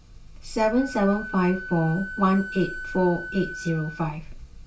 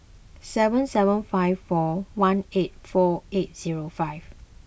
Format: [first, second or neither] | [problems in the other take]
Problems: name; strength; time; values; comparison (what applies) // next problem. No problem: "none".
second | background sound (Wind instrument, woodwind instrument); 12 dB below the speech // room echo; dies away in 0.2 s